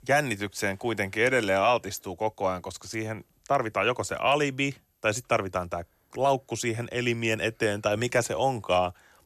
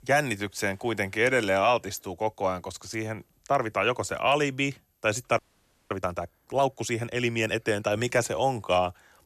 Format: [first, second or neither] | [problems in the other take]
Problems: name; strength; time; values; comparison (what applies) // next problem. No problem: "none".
first | audio freezing; at 5.5 s for 0.5 s